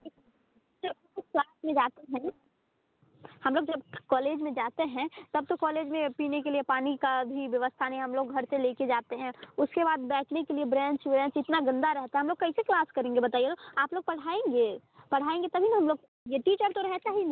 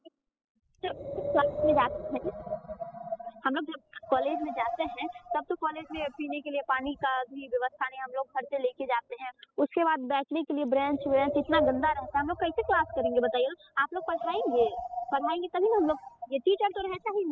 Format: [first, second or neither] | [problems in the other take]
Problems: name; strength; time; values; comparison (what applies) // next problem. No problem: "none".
first | noise reduction (classical method spectral subtraction)